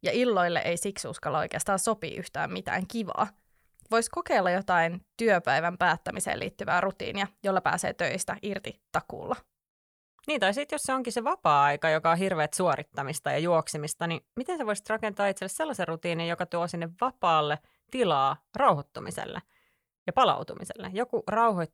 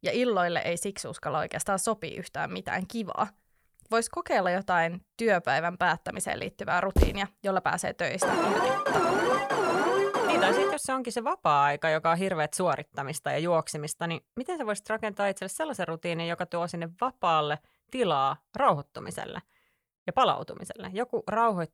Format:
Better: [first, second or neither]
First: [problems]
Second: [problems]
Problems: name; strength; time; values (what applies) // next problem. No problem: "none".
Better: first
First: none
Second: footsteps; loud; at 7 s; peak 2 dB above the speech // alarm; loud; from 8 to 11 s; peak 4 dB above the speech